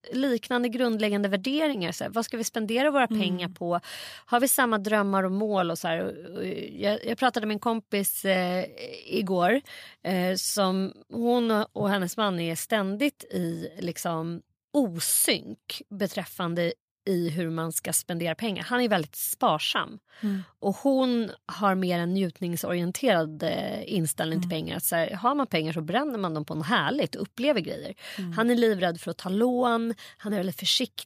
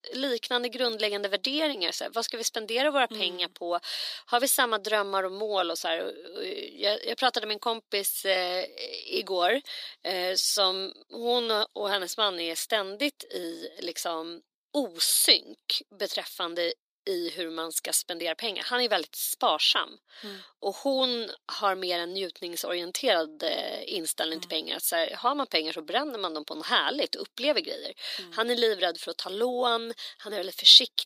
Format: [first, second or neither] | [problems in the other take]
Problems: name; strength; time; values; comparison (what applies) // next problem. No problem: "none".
first | thin; somewhat; fading below 300 Hz